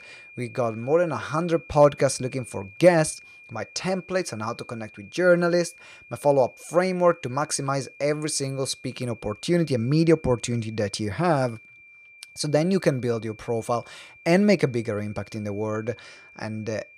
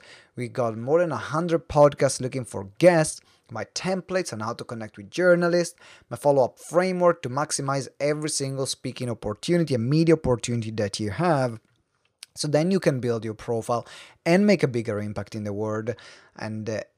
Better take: second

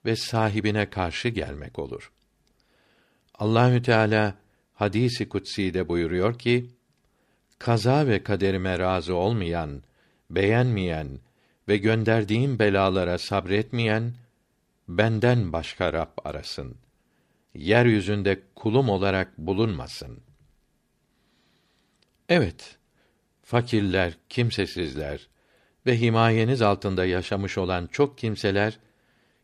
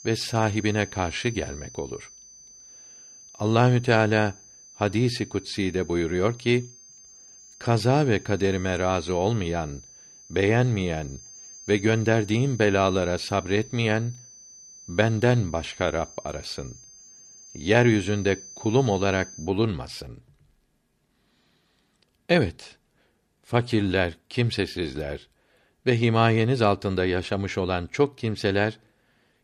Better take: first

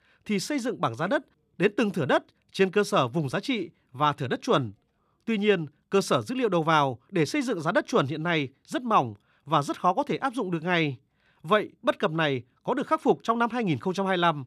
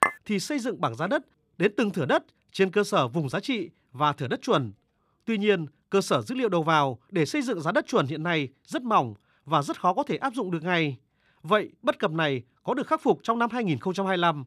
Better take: first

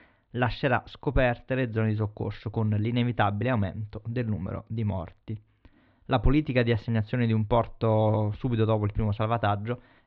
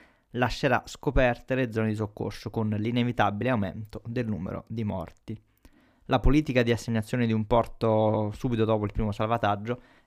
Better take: second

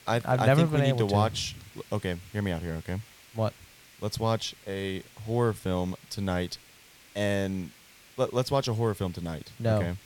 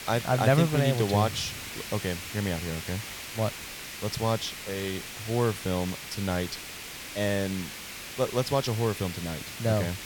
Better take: first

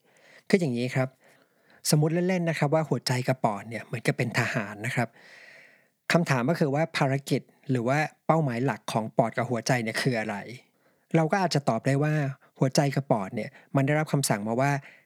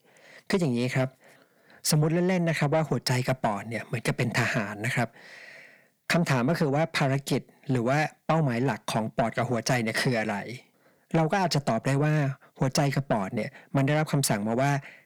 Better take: first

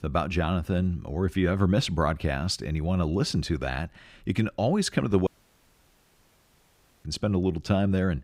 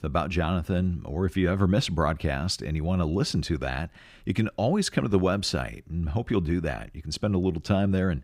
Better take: second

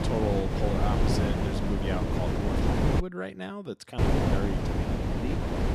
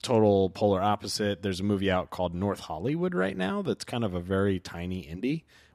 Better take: second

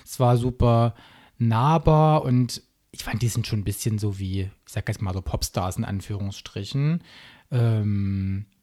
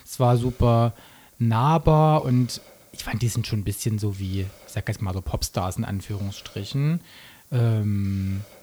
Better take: first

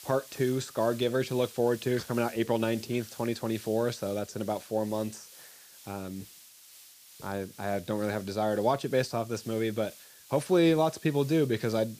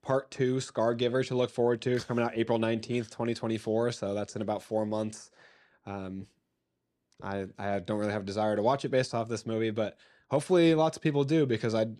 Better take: second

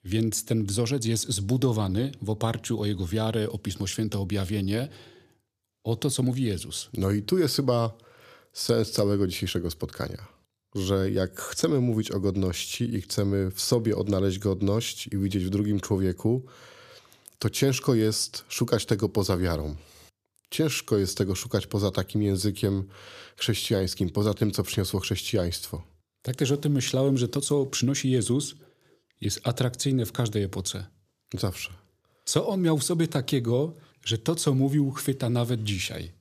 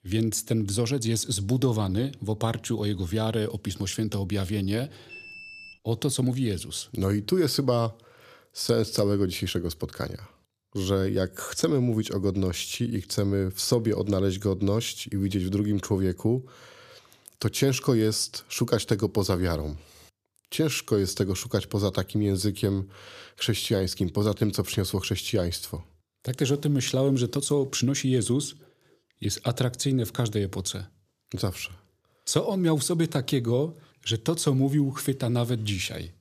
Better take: first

